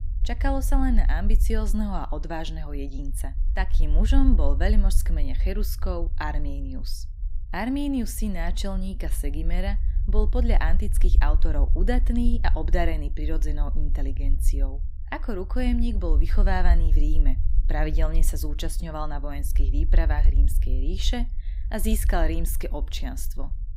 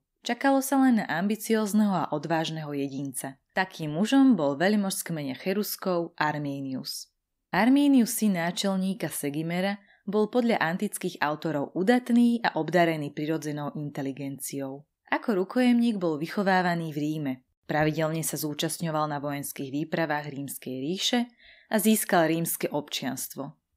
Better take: second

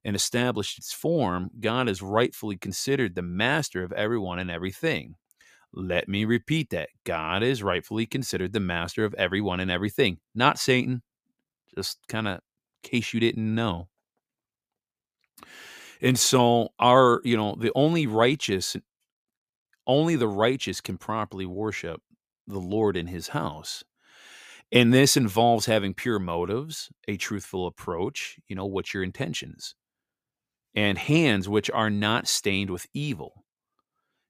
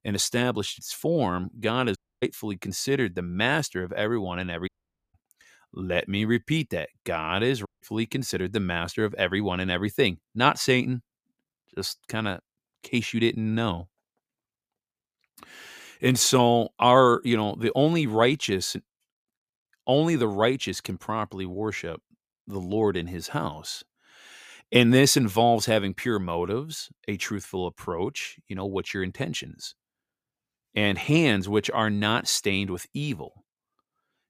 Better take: first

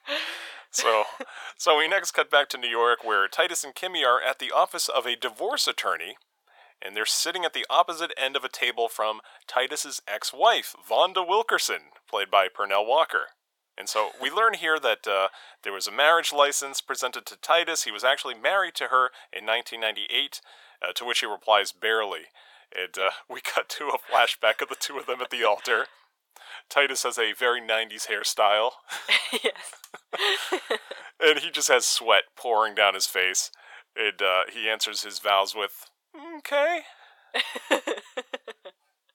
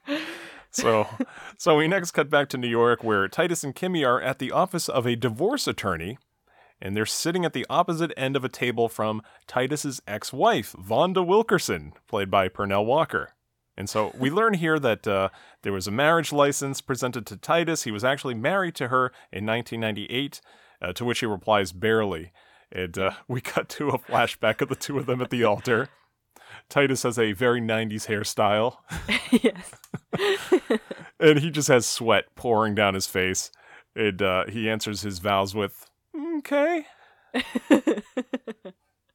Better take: second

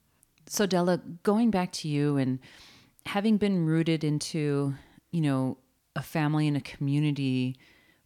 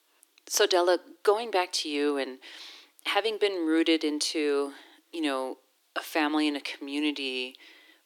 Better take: first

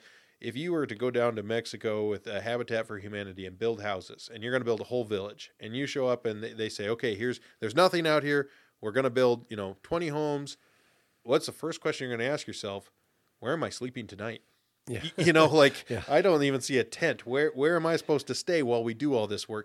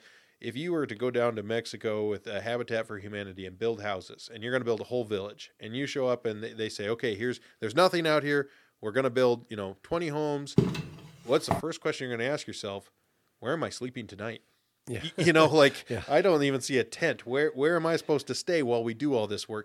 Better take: first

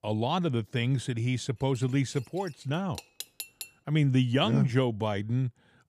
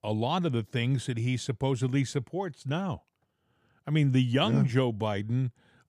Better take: second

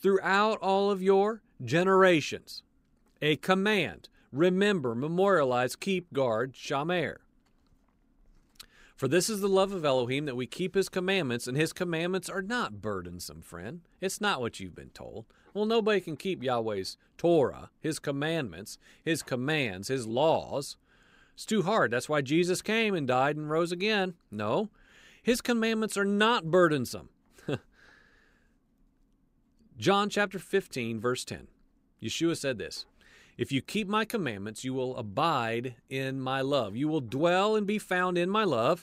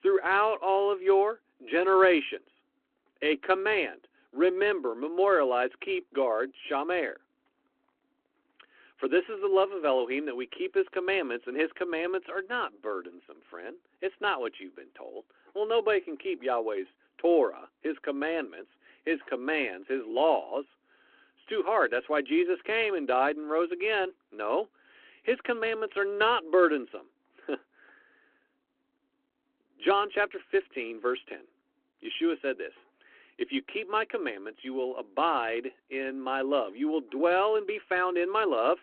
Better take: first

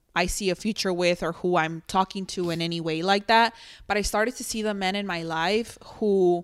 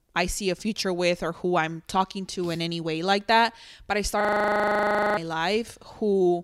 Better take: first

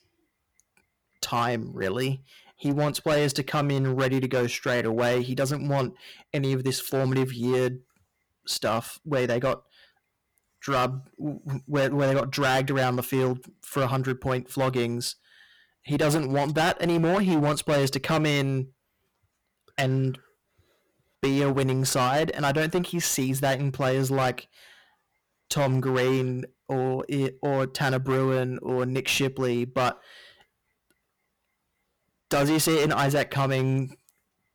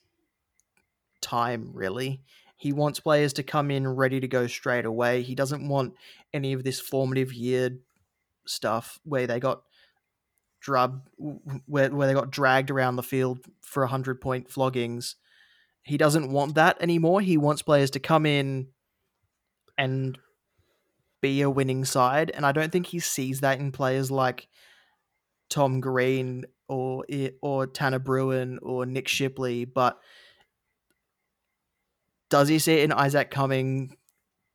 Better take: second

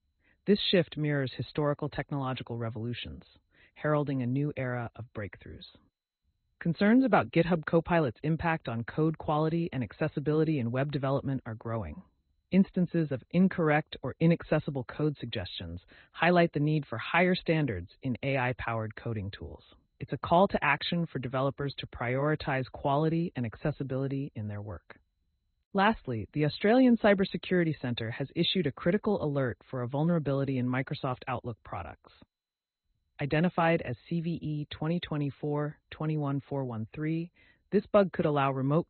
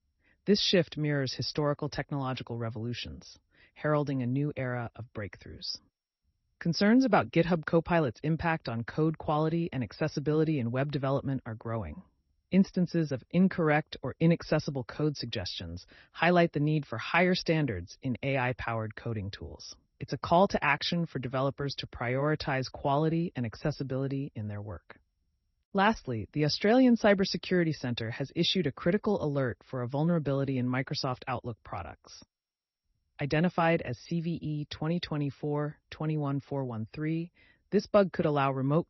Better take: second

